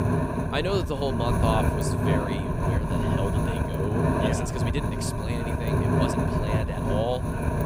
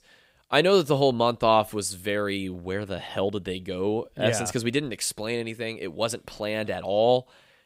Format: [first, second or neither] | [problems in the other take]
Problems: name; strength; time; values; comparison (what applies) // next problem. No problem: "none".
second | wind noise on the microphone; heavy; 2 dB above the speech